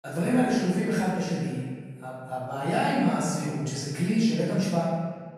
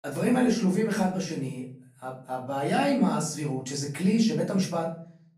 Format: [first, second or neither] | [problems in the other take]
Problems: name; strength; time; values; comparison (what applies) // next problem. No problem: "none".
second | room echo; strong; dies away in 1.5 s; slight in the second // off-mic speech; far; far in the second